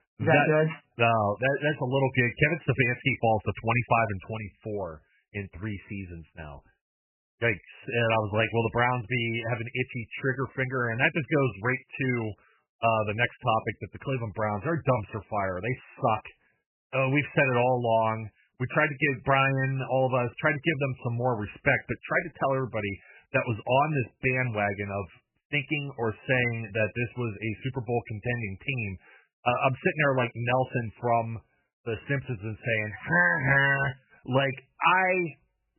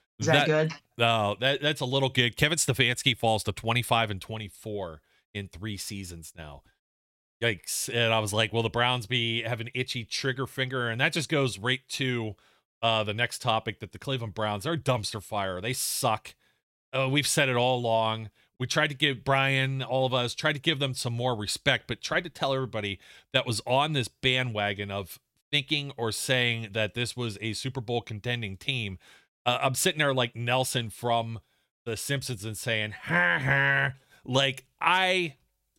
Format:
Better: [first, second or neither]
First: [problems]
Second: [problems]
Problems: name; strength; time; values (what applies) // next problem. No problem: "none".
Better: second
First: garbled, watery; badly; nothing above 3 kHz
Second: none